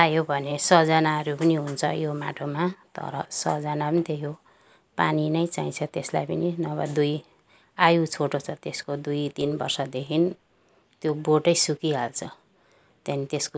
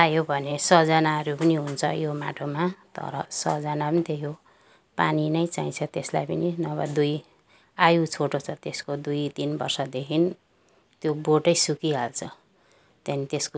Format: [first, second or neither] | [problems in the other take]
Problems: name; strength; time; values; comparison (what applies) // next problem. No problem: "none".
second | noise reduction (neural mask model Resemble Enhance denoiser)